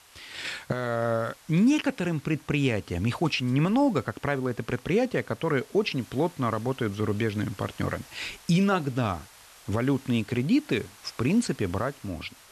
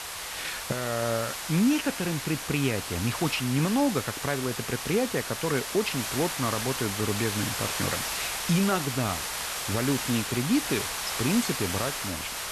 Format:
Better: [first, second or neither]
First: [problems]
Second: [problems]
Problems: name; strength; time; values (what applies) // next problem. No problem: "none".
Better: first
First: hiss; faint; throughout; 25 dB below the speech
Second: hiss; loud; throughout; 2 dB below the speech